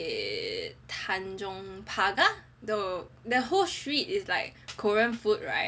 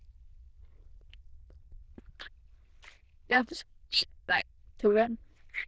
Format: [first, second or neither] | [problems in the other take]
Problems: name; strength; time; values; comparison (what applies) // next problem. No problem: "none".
first | noise reduction (neural diffusion model UNIVERSE++)